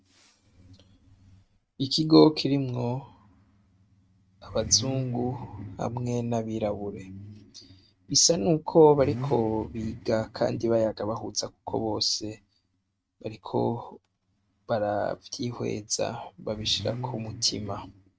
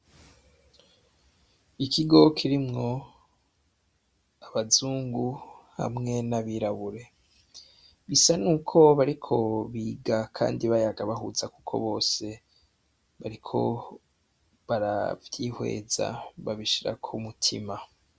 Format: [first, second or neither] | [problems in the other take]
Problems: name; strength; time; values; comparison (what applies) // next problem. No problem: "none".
second | noise reduction (neural mask model RNNoise)